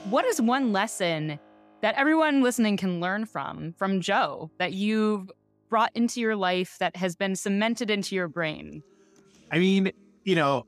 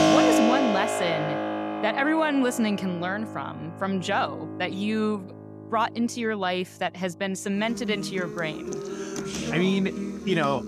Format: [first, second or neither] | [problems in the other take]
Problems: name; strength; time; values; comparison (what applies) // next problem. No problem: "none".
first | background music; loud; throughout; 2 dB below the speech; faint in the first